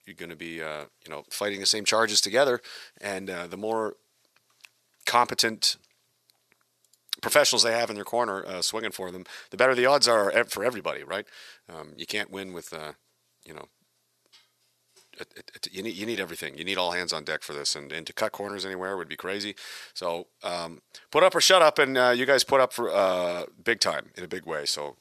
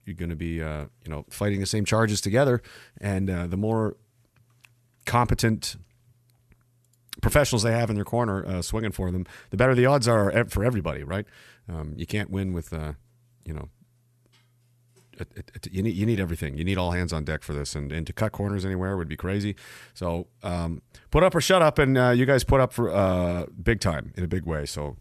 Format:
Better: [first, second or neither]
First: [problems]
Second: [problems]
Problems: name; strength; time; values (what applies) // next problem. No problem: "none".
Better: second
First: thin; very; fading below 450 Hz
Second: none